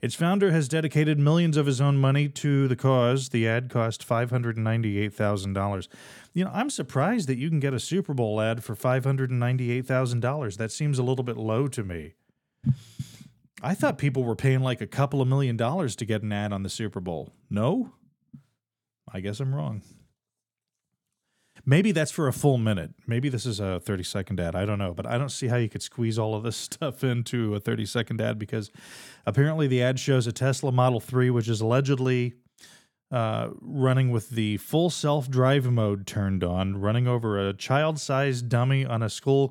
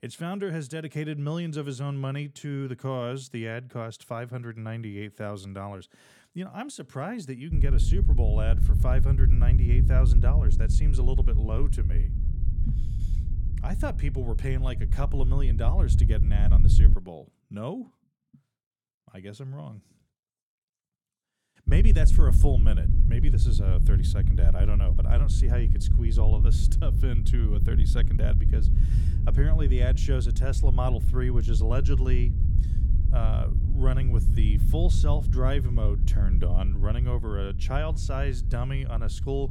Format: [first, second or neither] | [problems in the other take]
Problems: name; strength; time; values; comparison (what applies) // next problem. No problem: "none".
first | low rumble; loud; from 7.5 to 17 s and from 22 s on; 5 dB below the speech